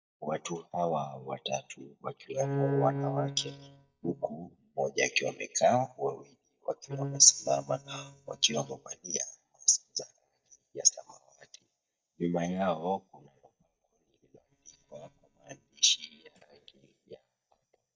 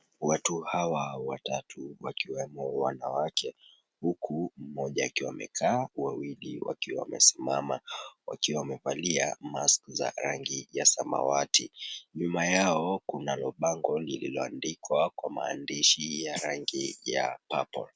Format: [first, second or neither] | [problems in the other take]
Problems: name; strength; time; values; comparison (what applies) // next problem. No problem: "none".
second | noise reduction (neural mask model DeepFilterNet 3)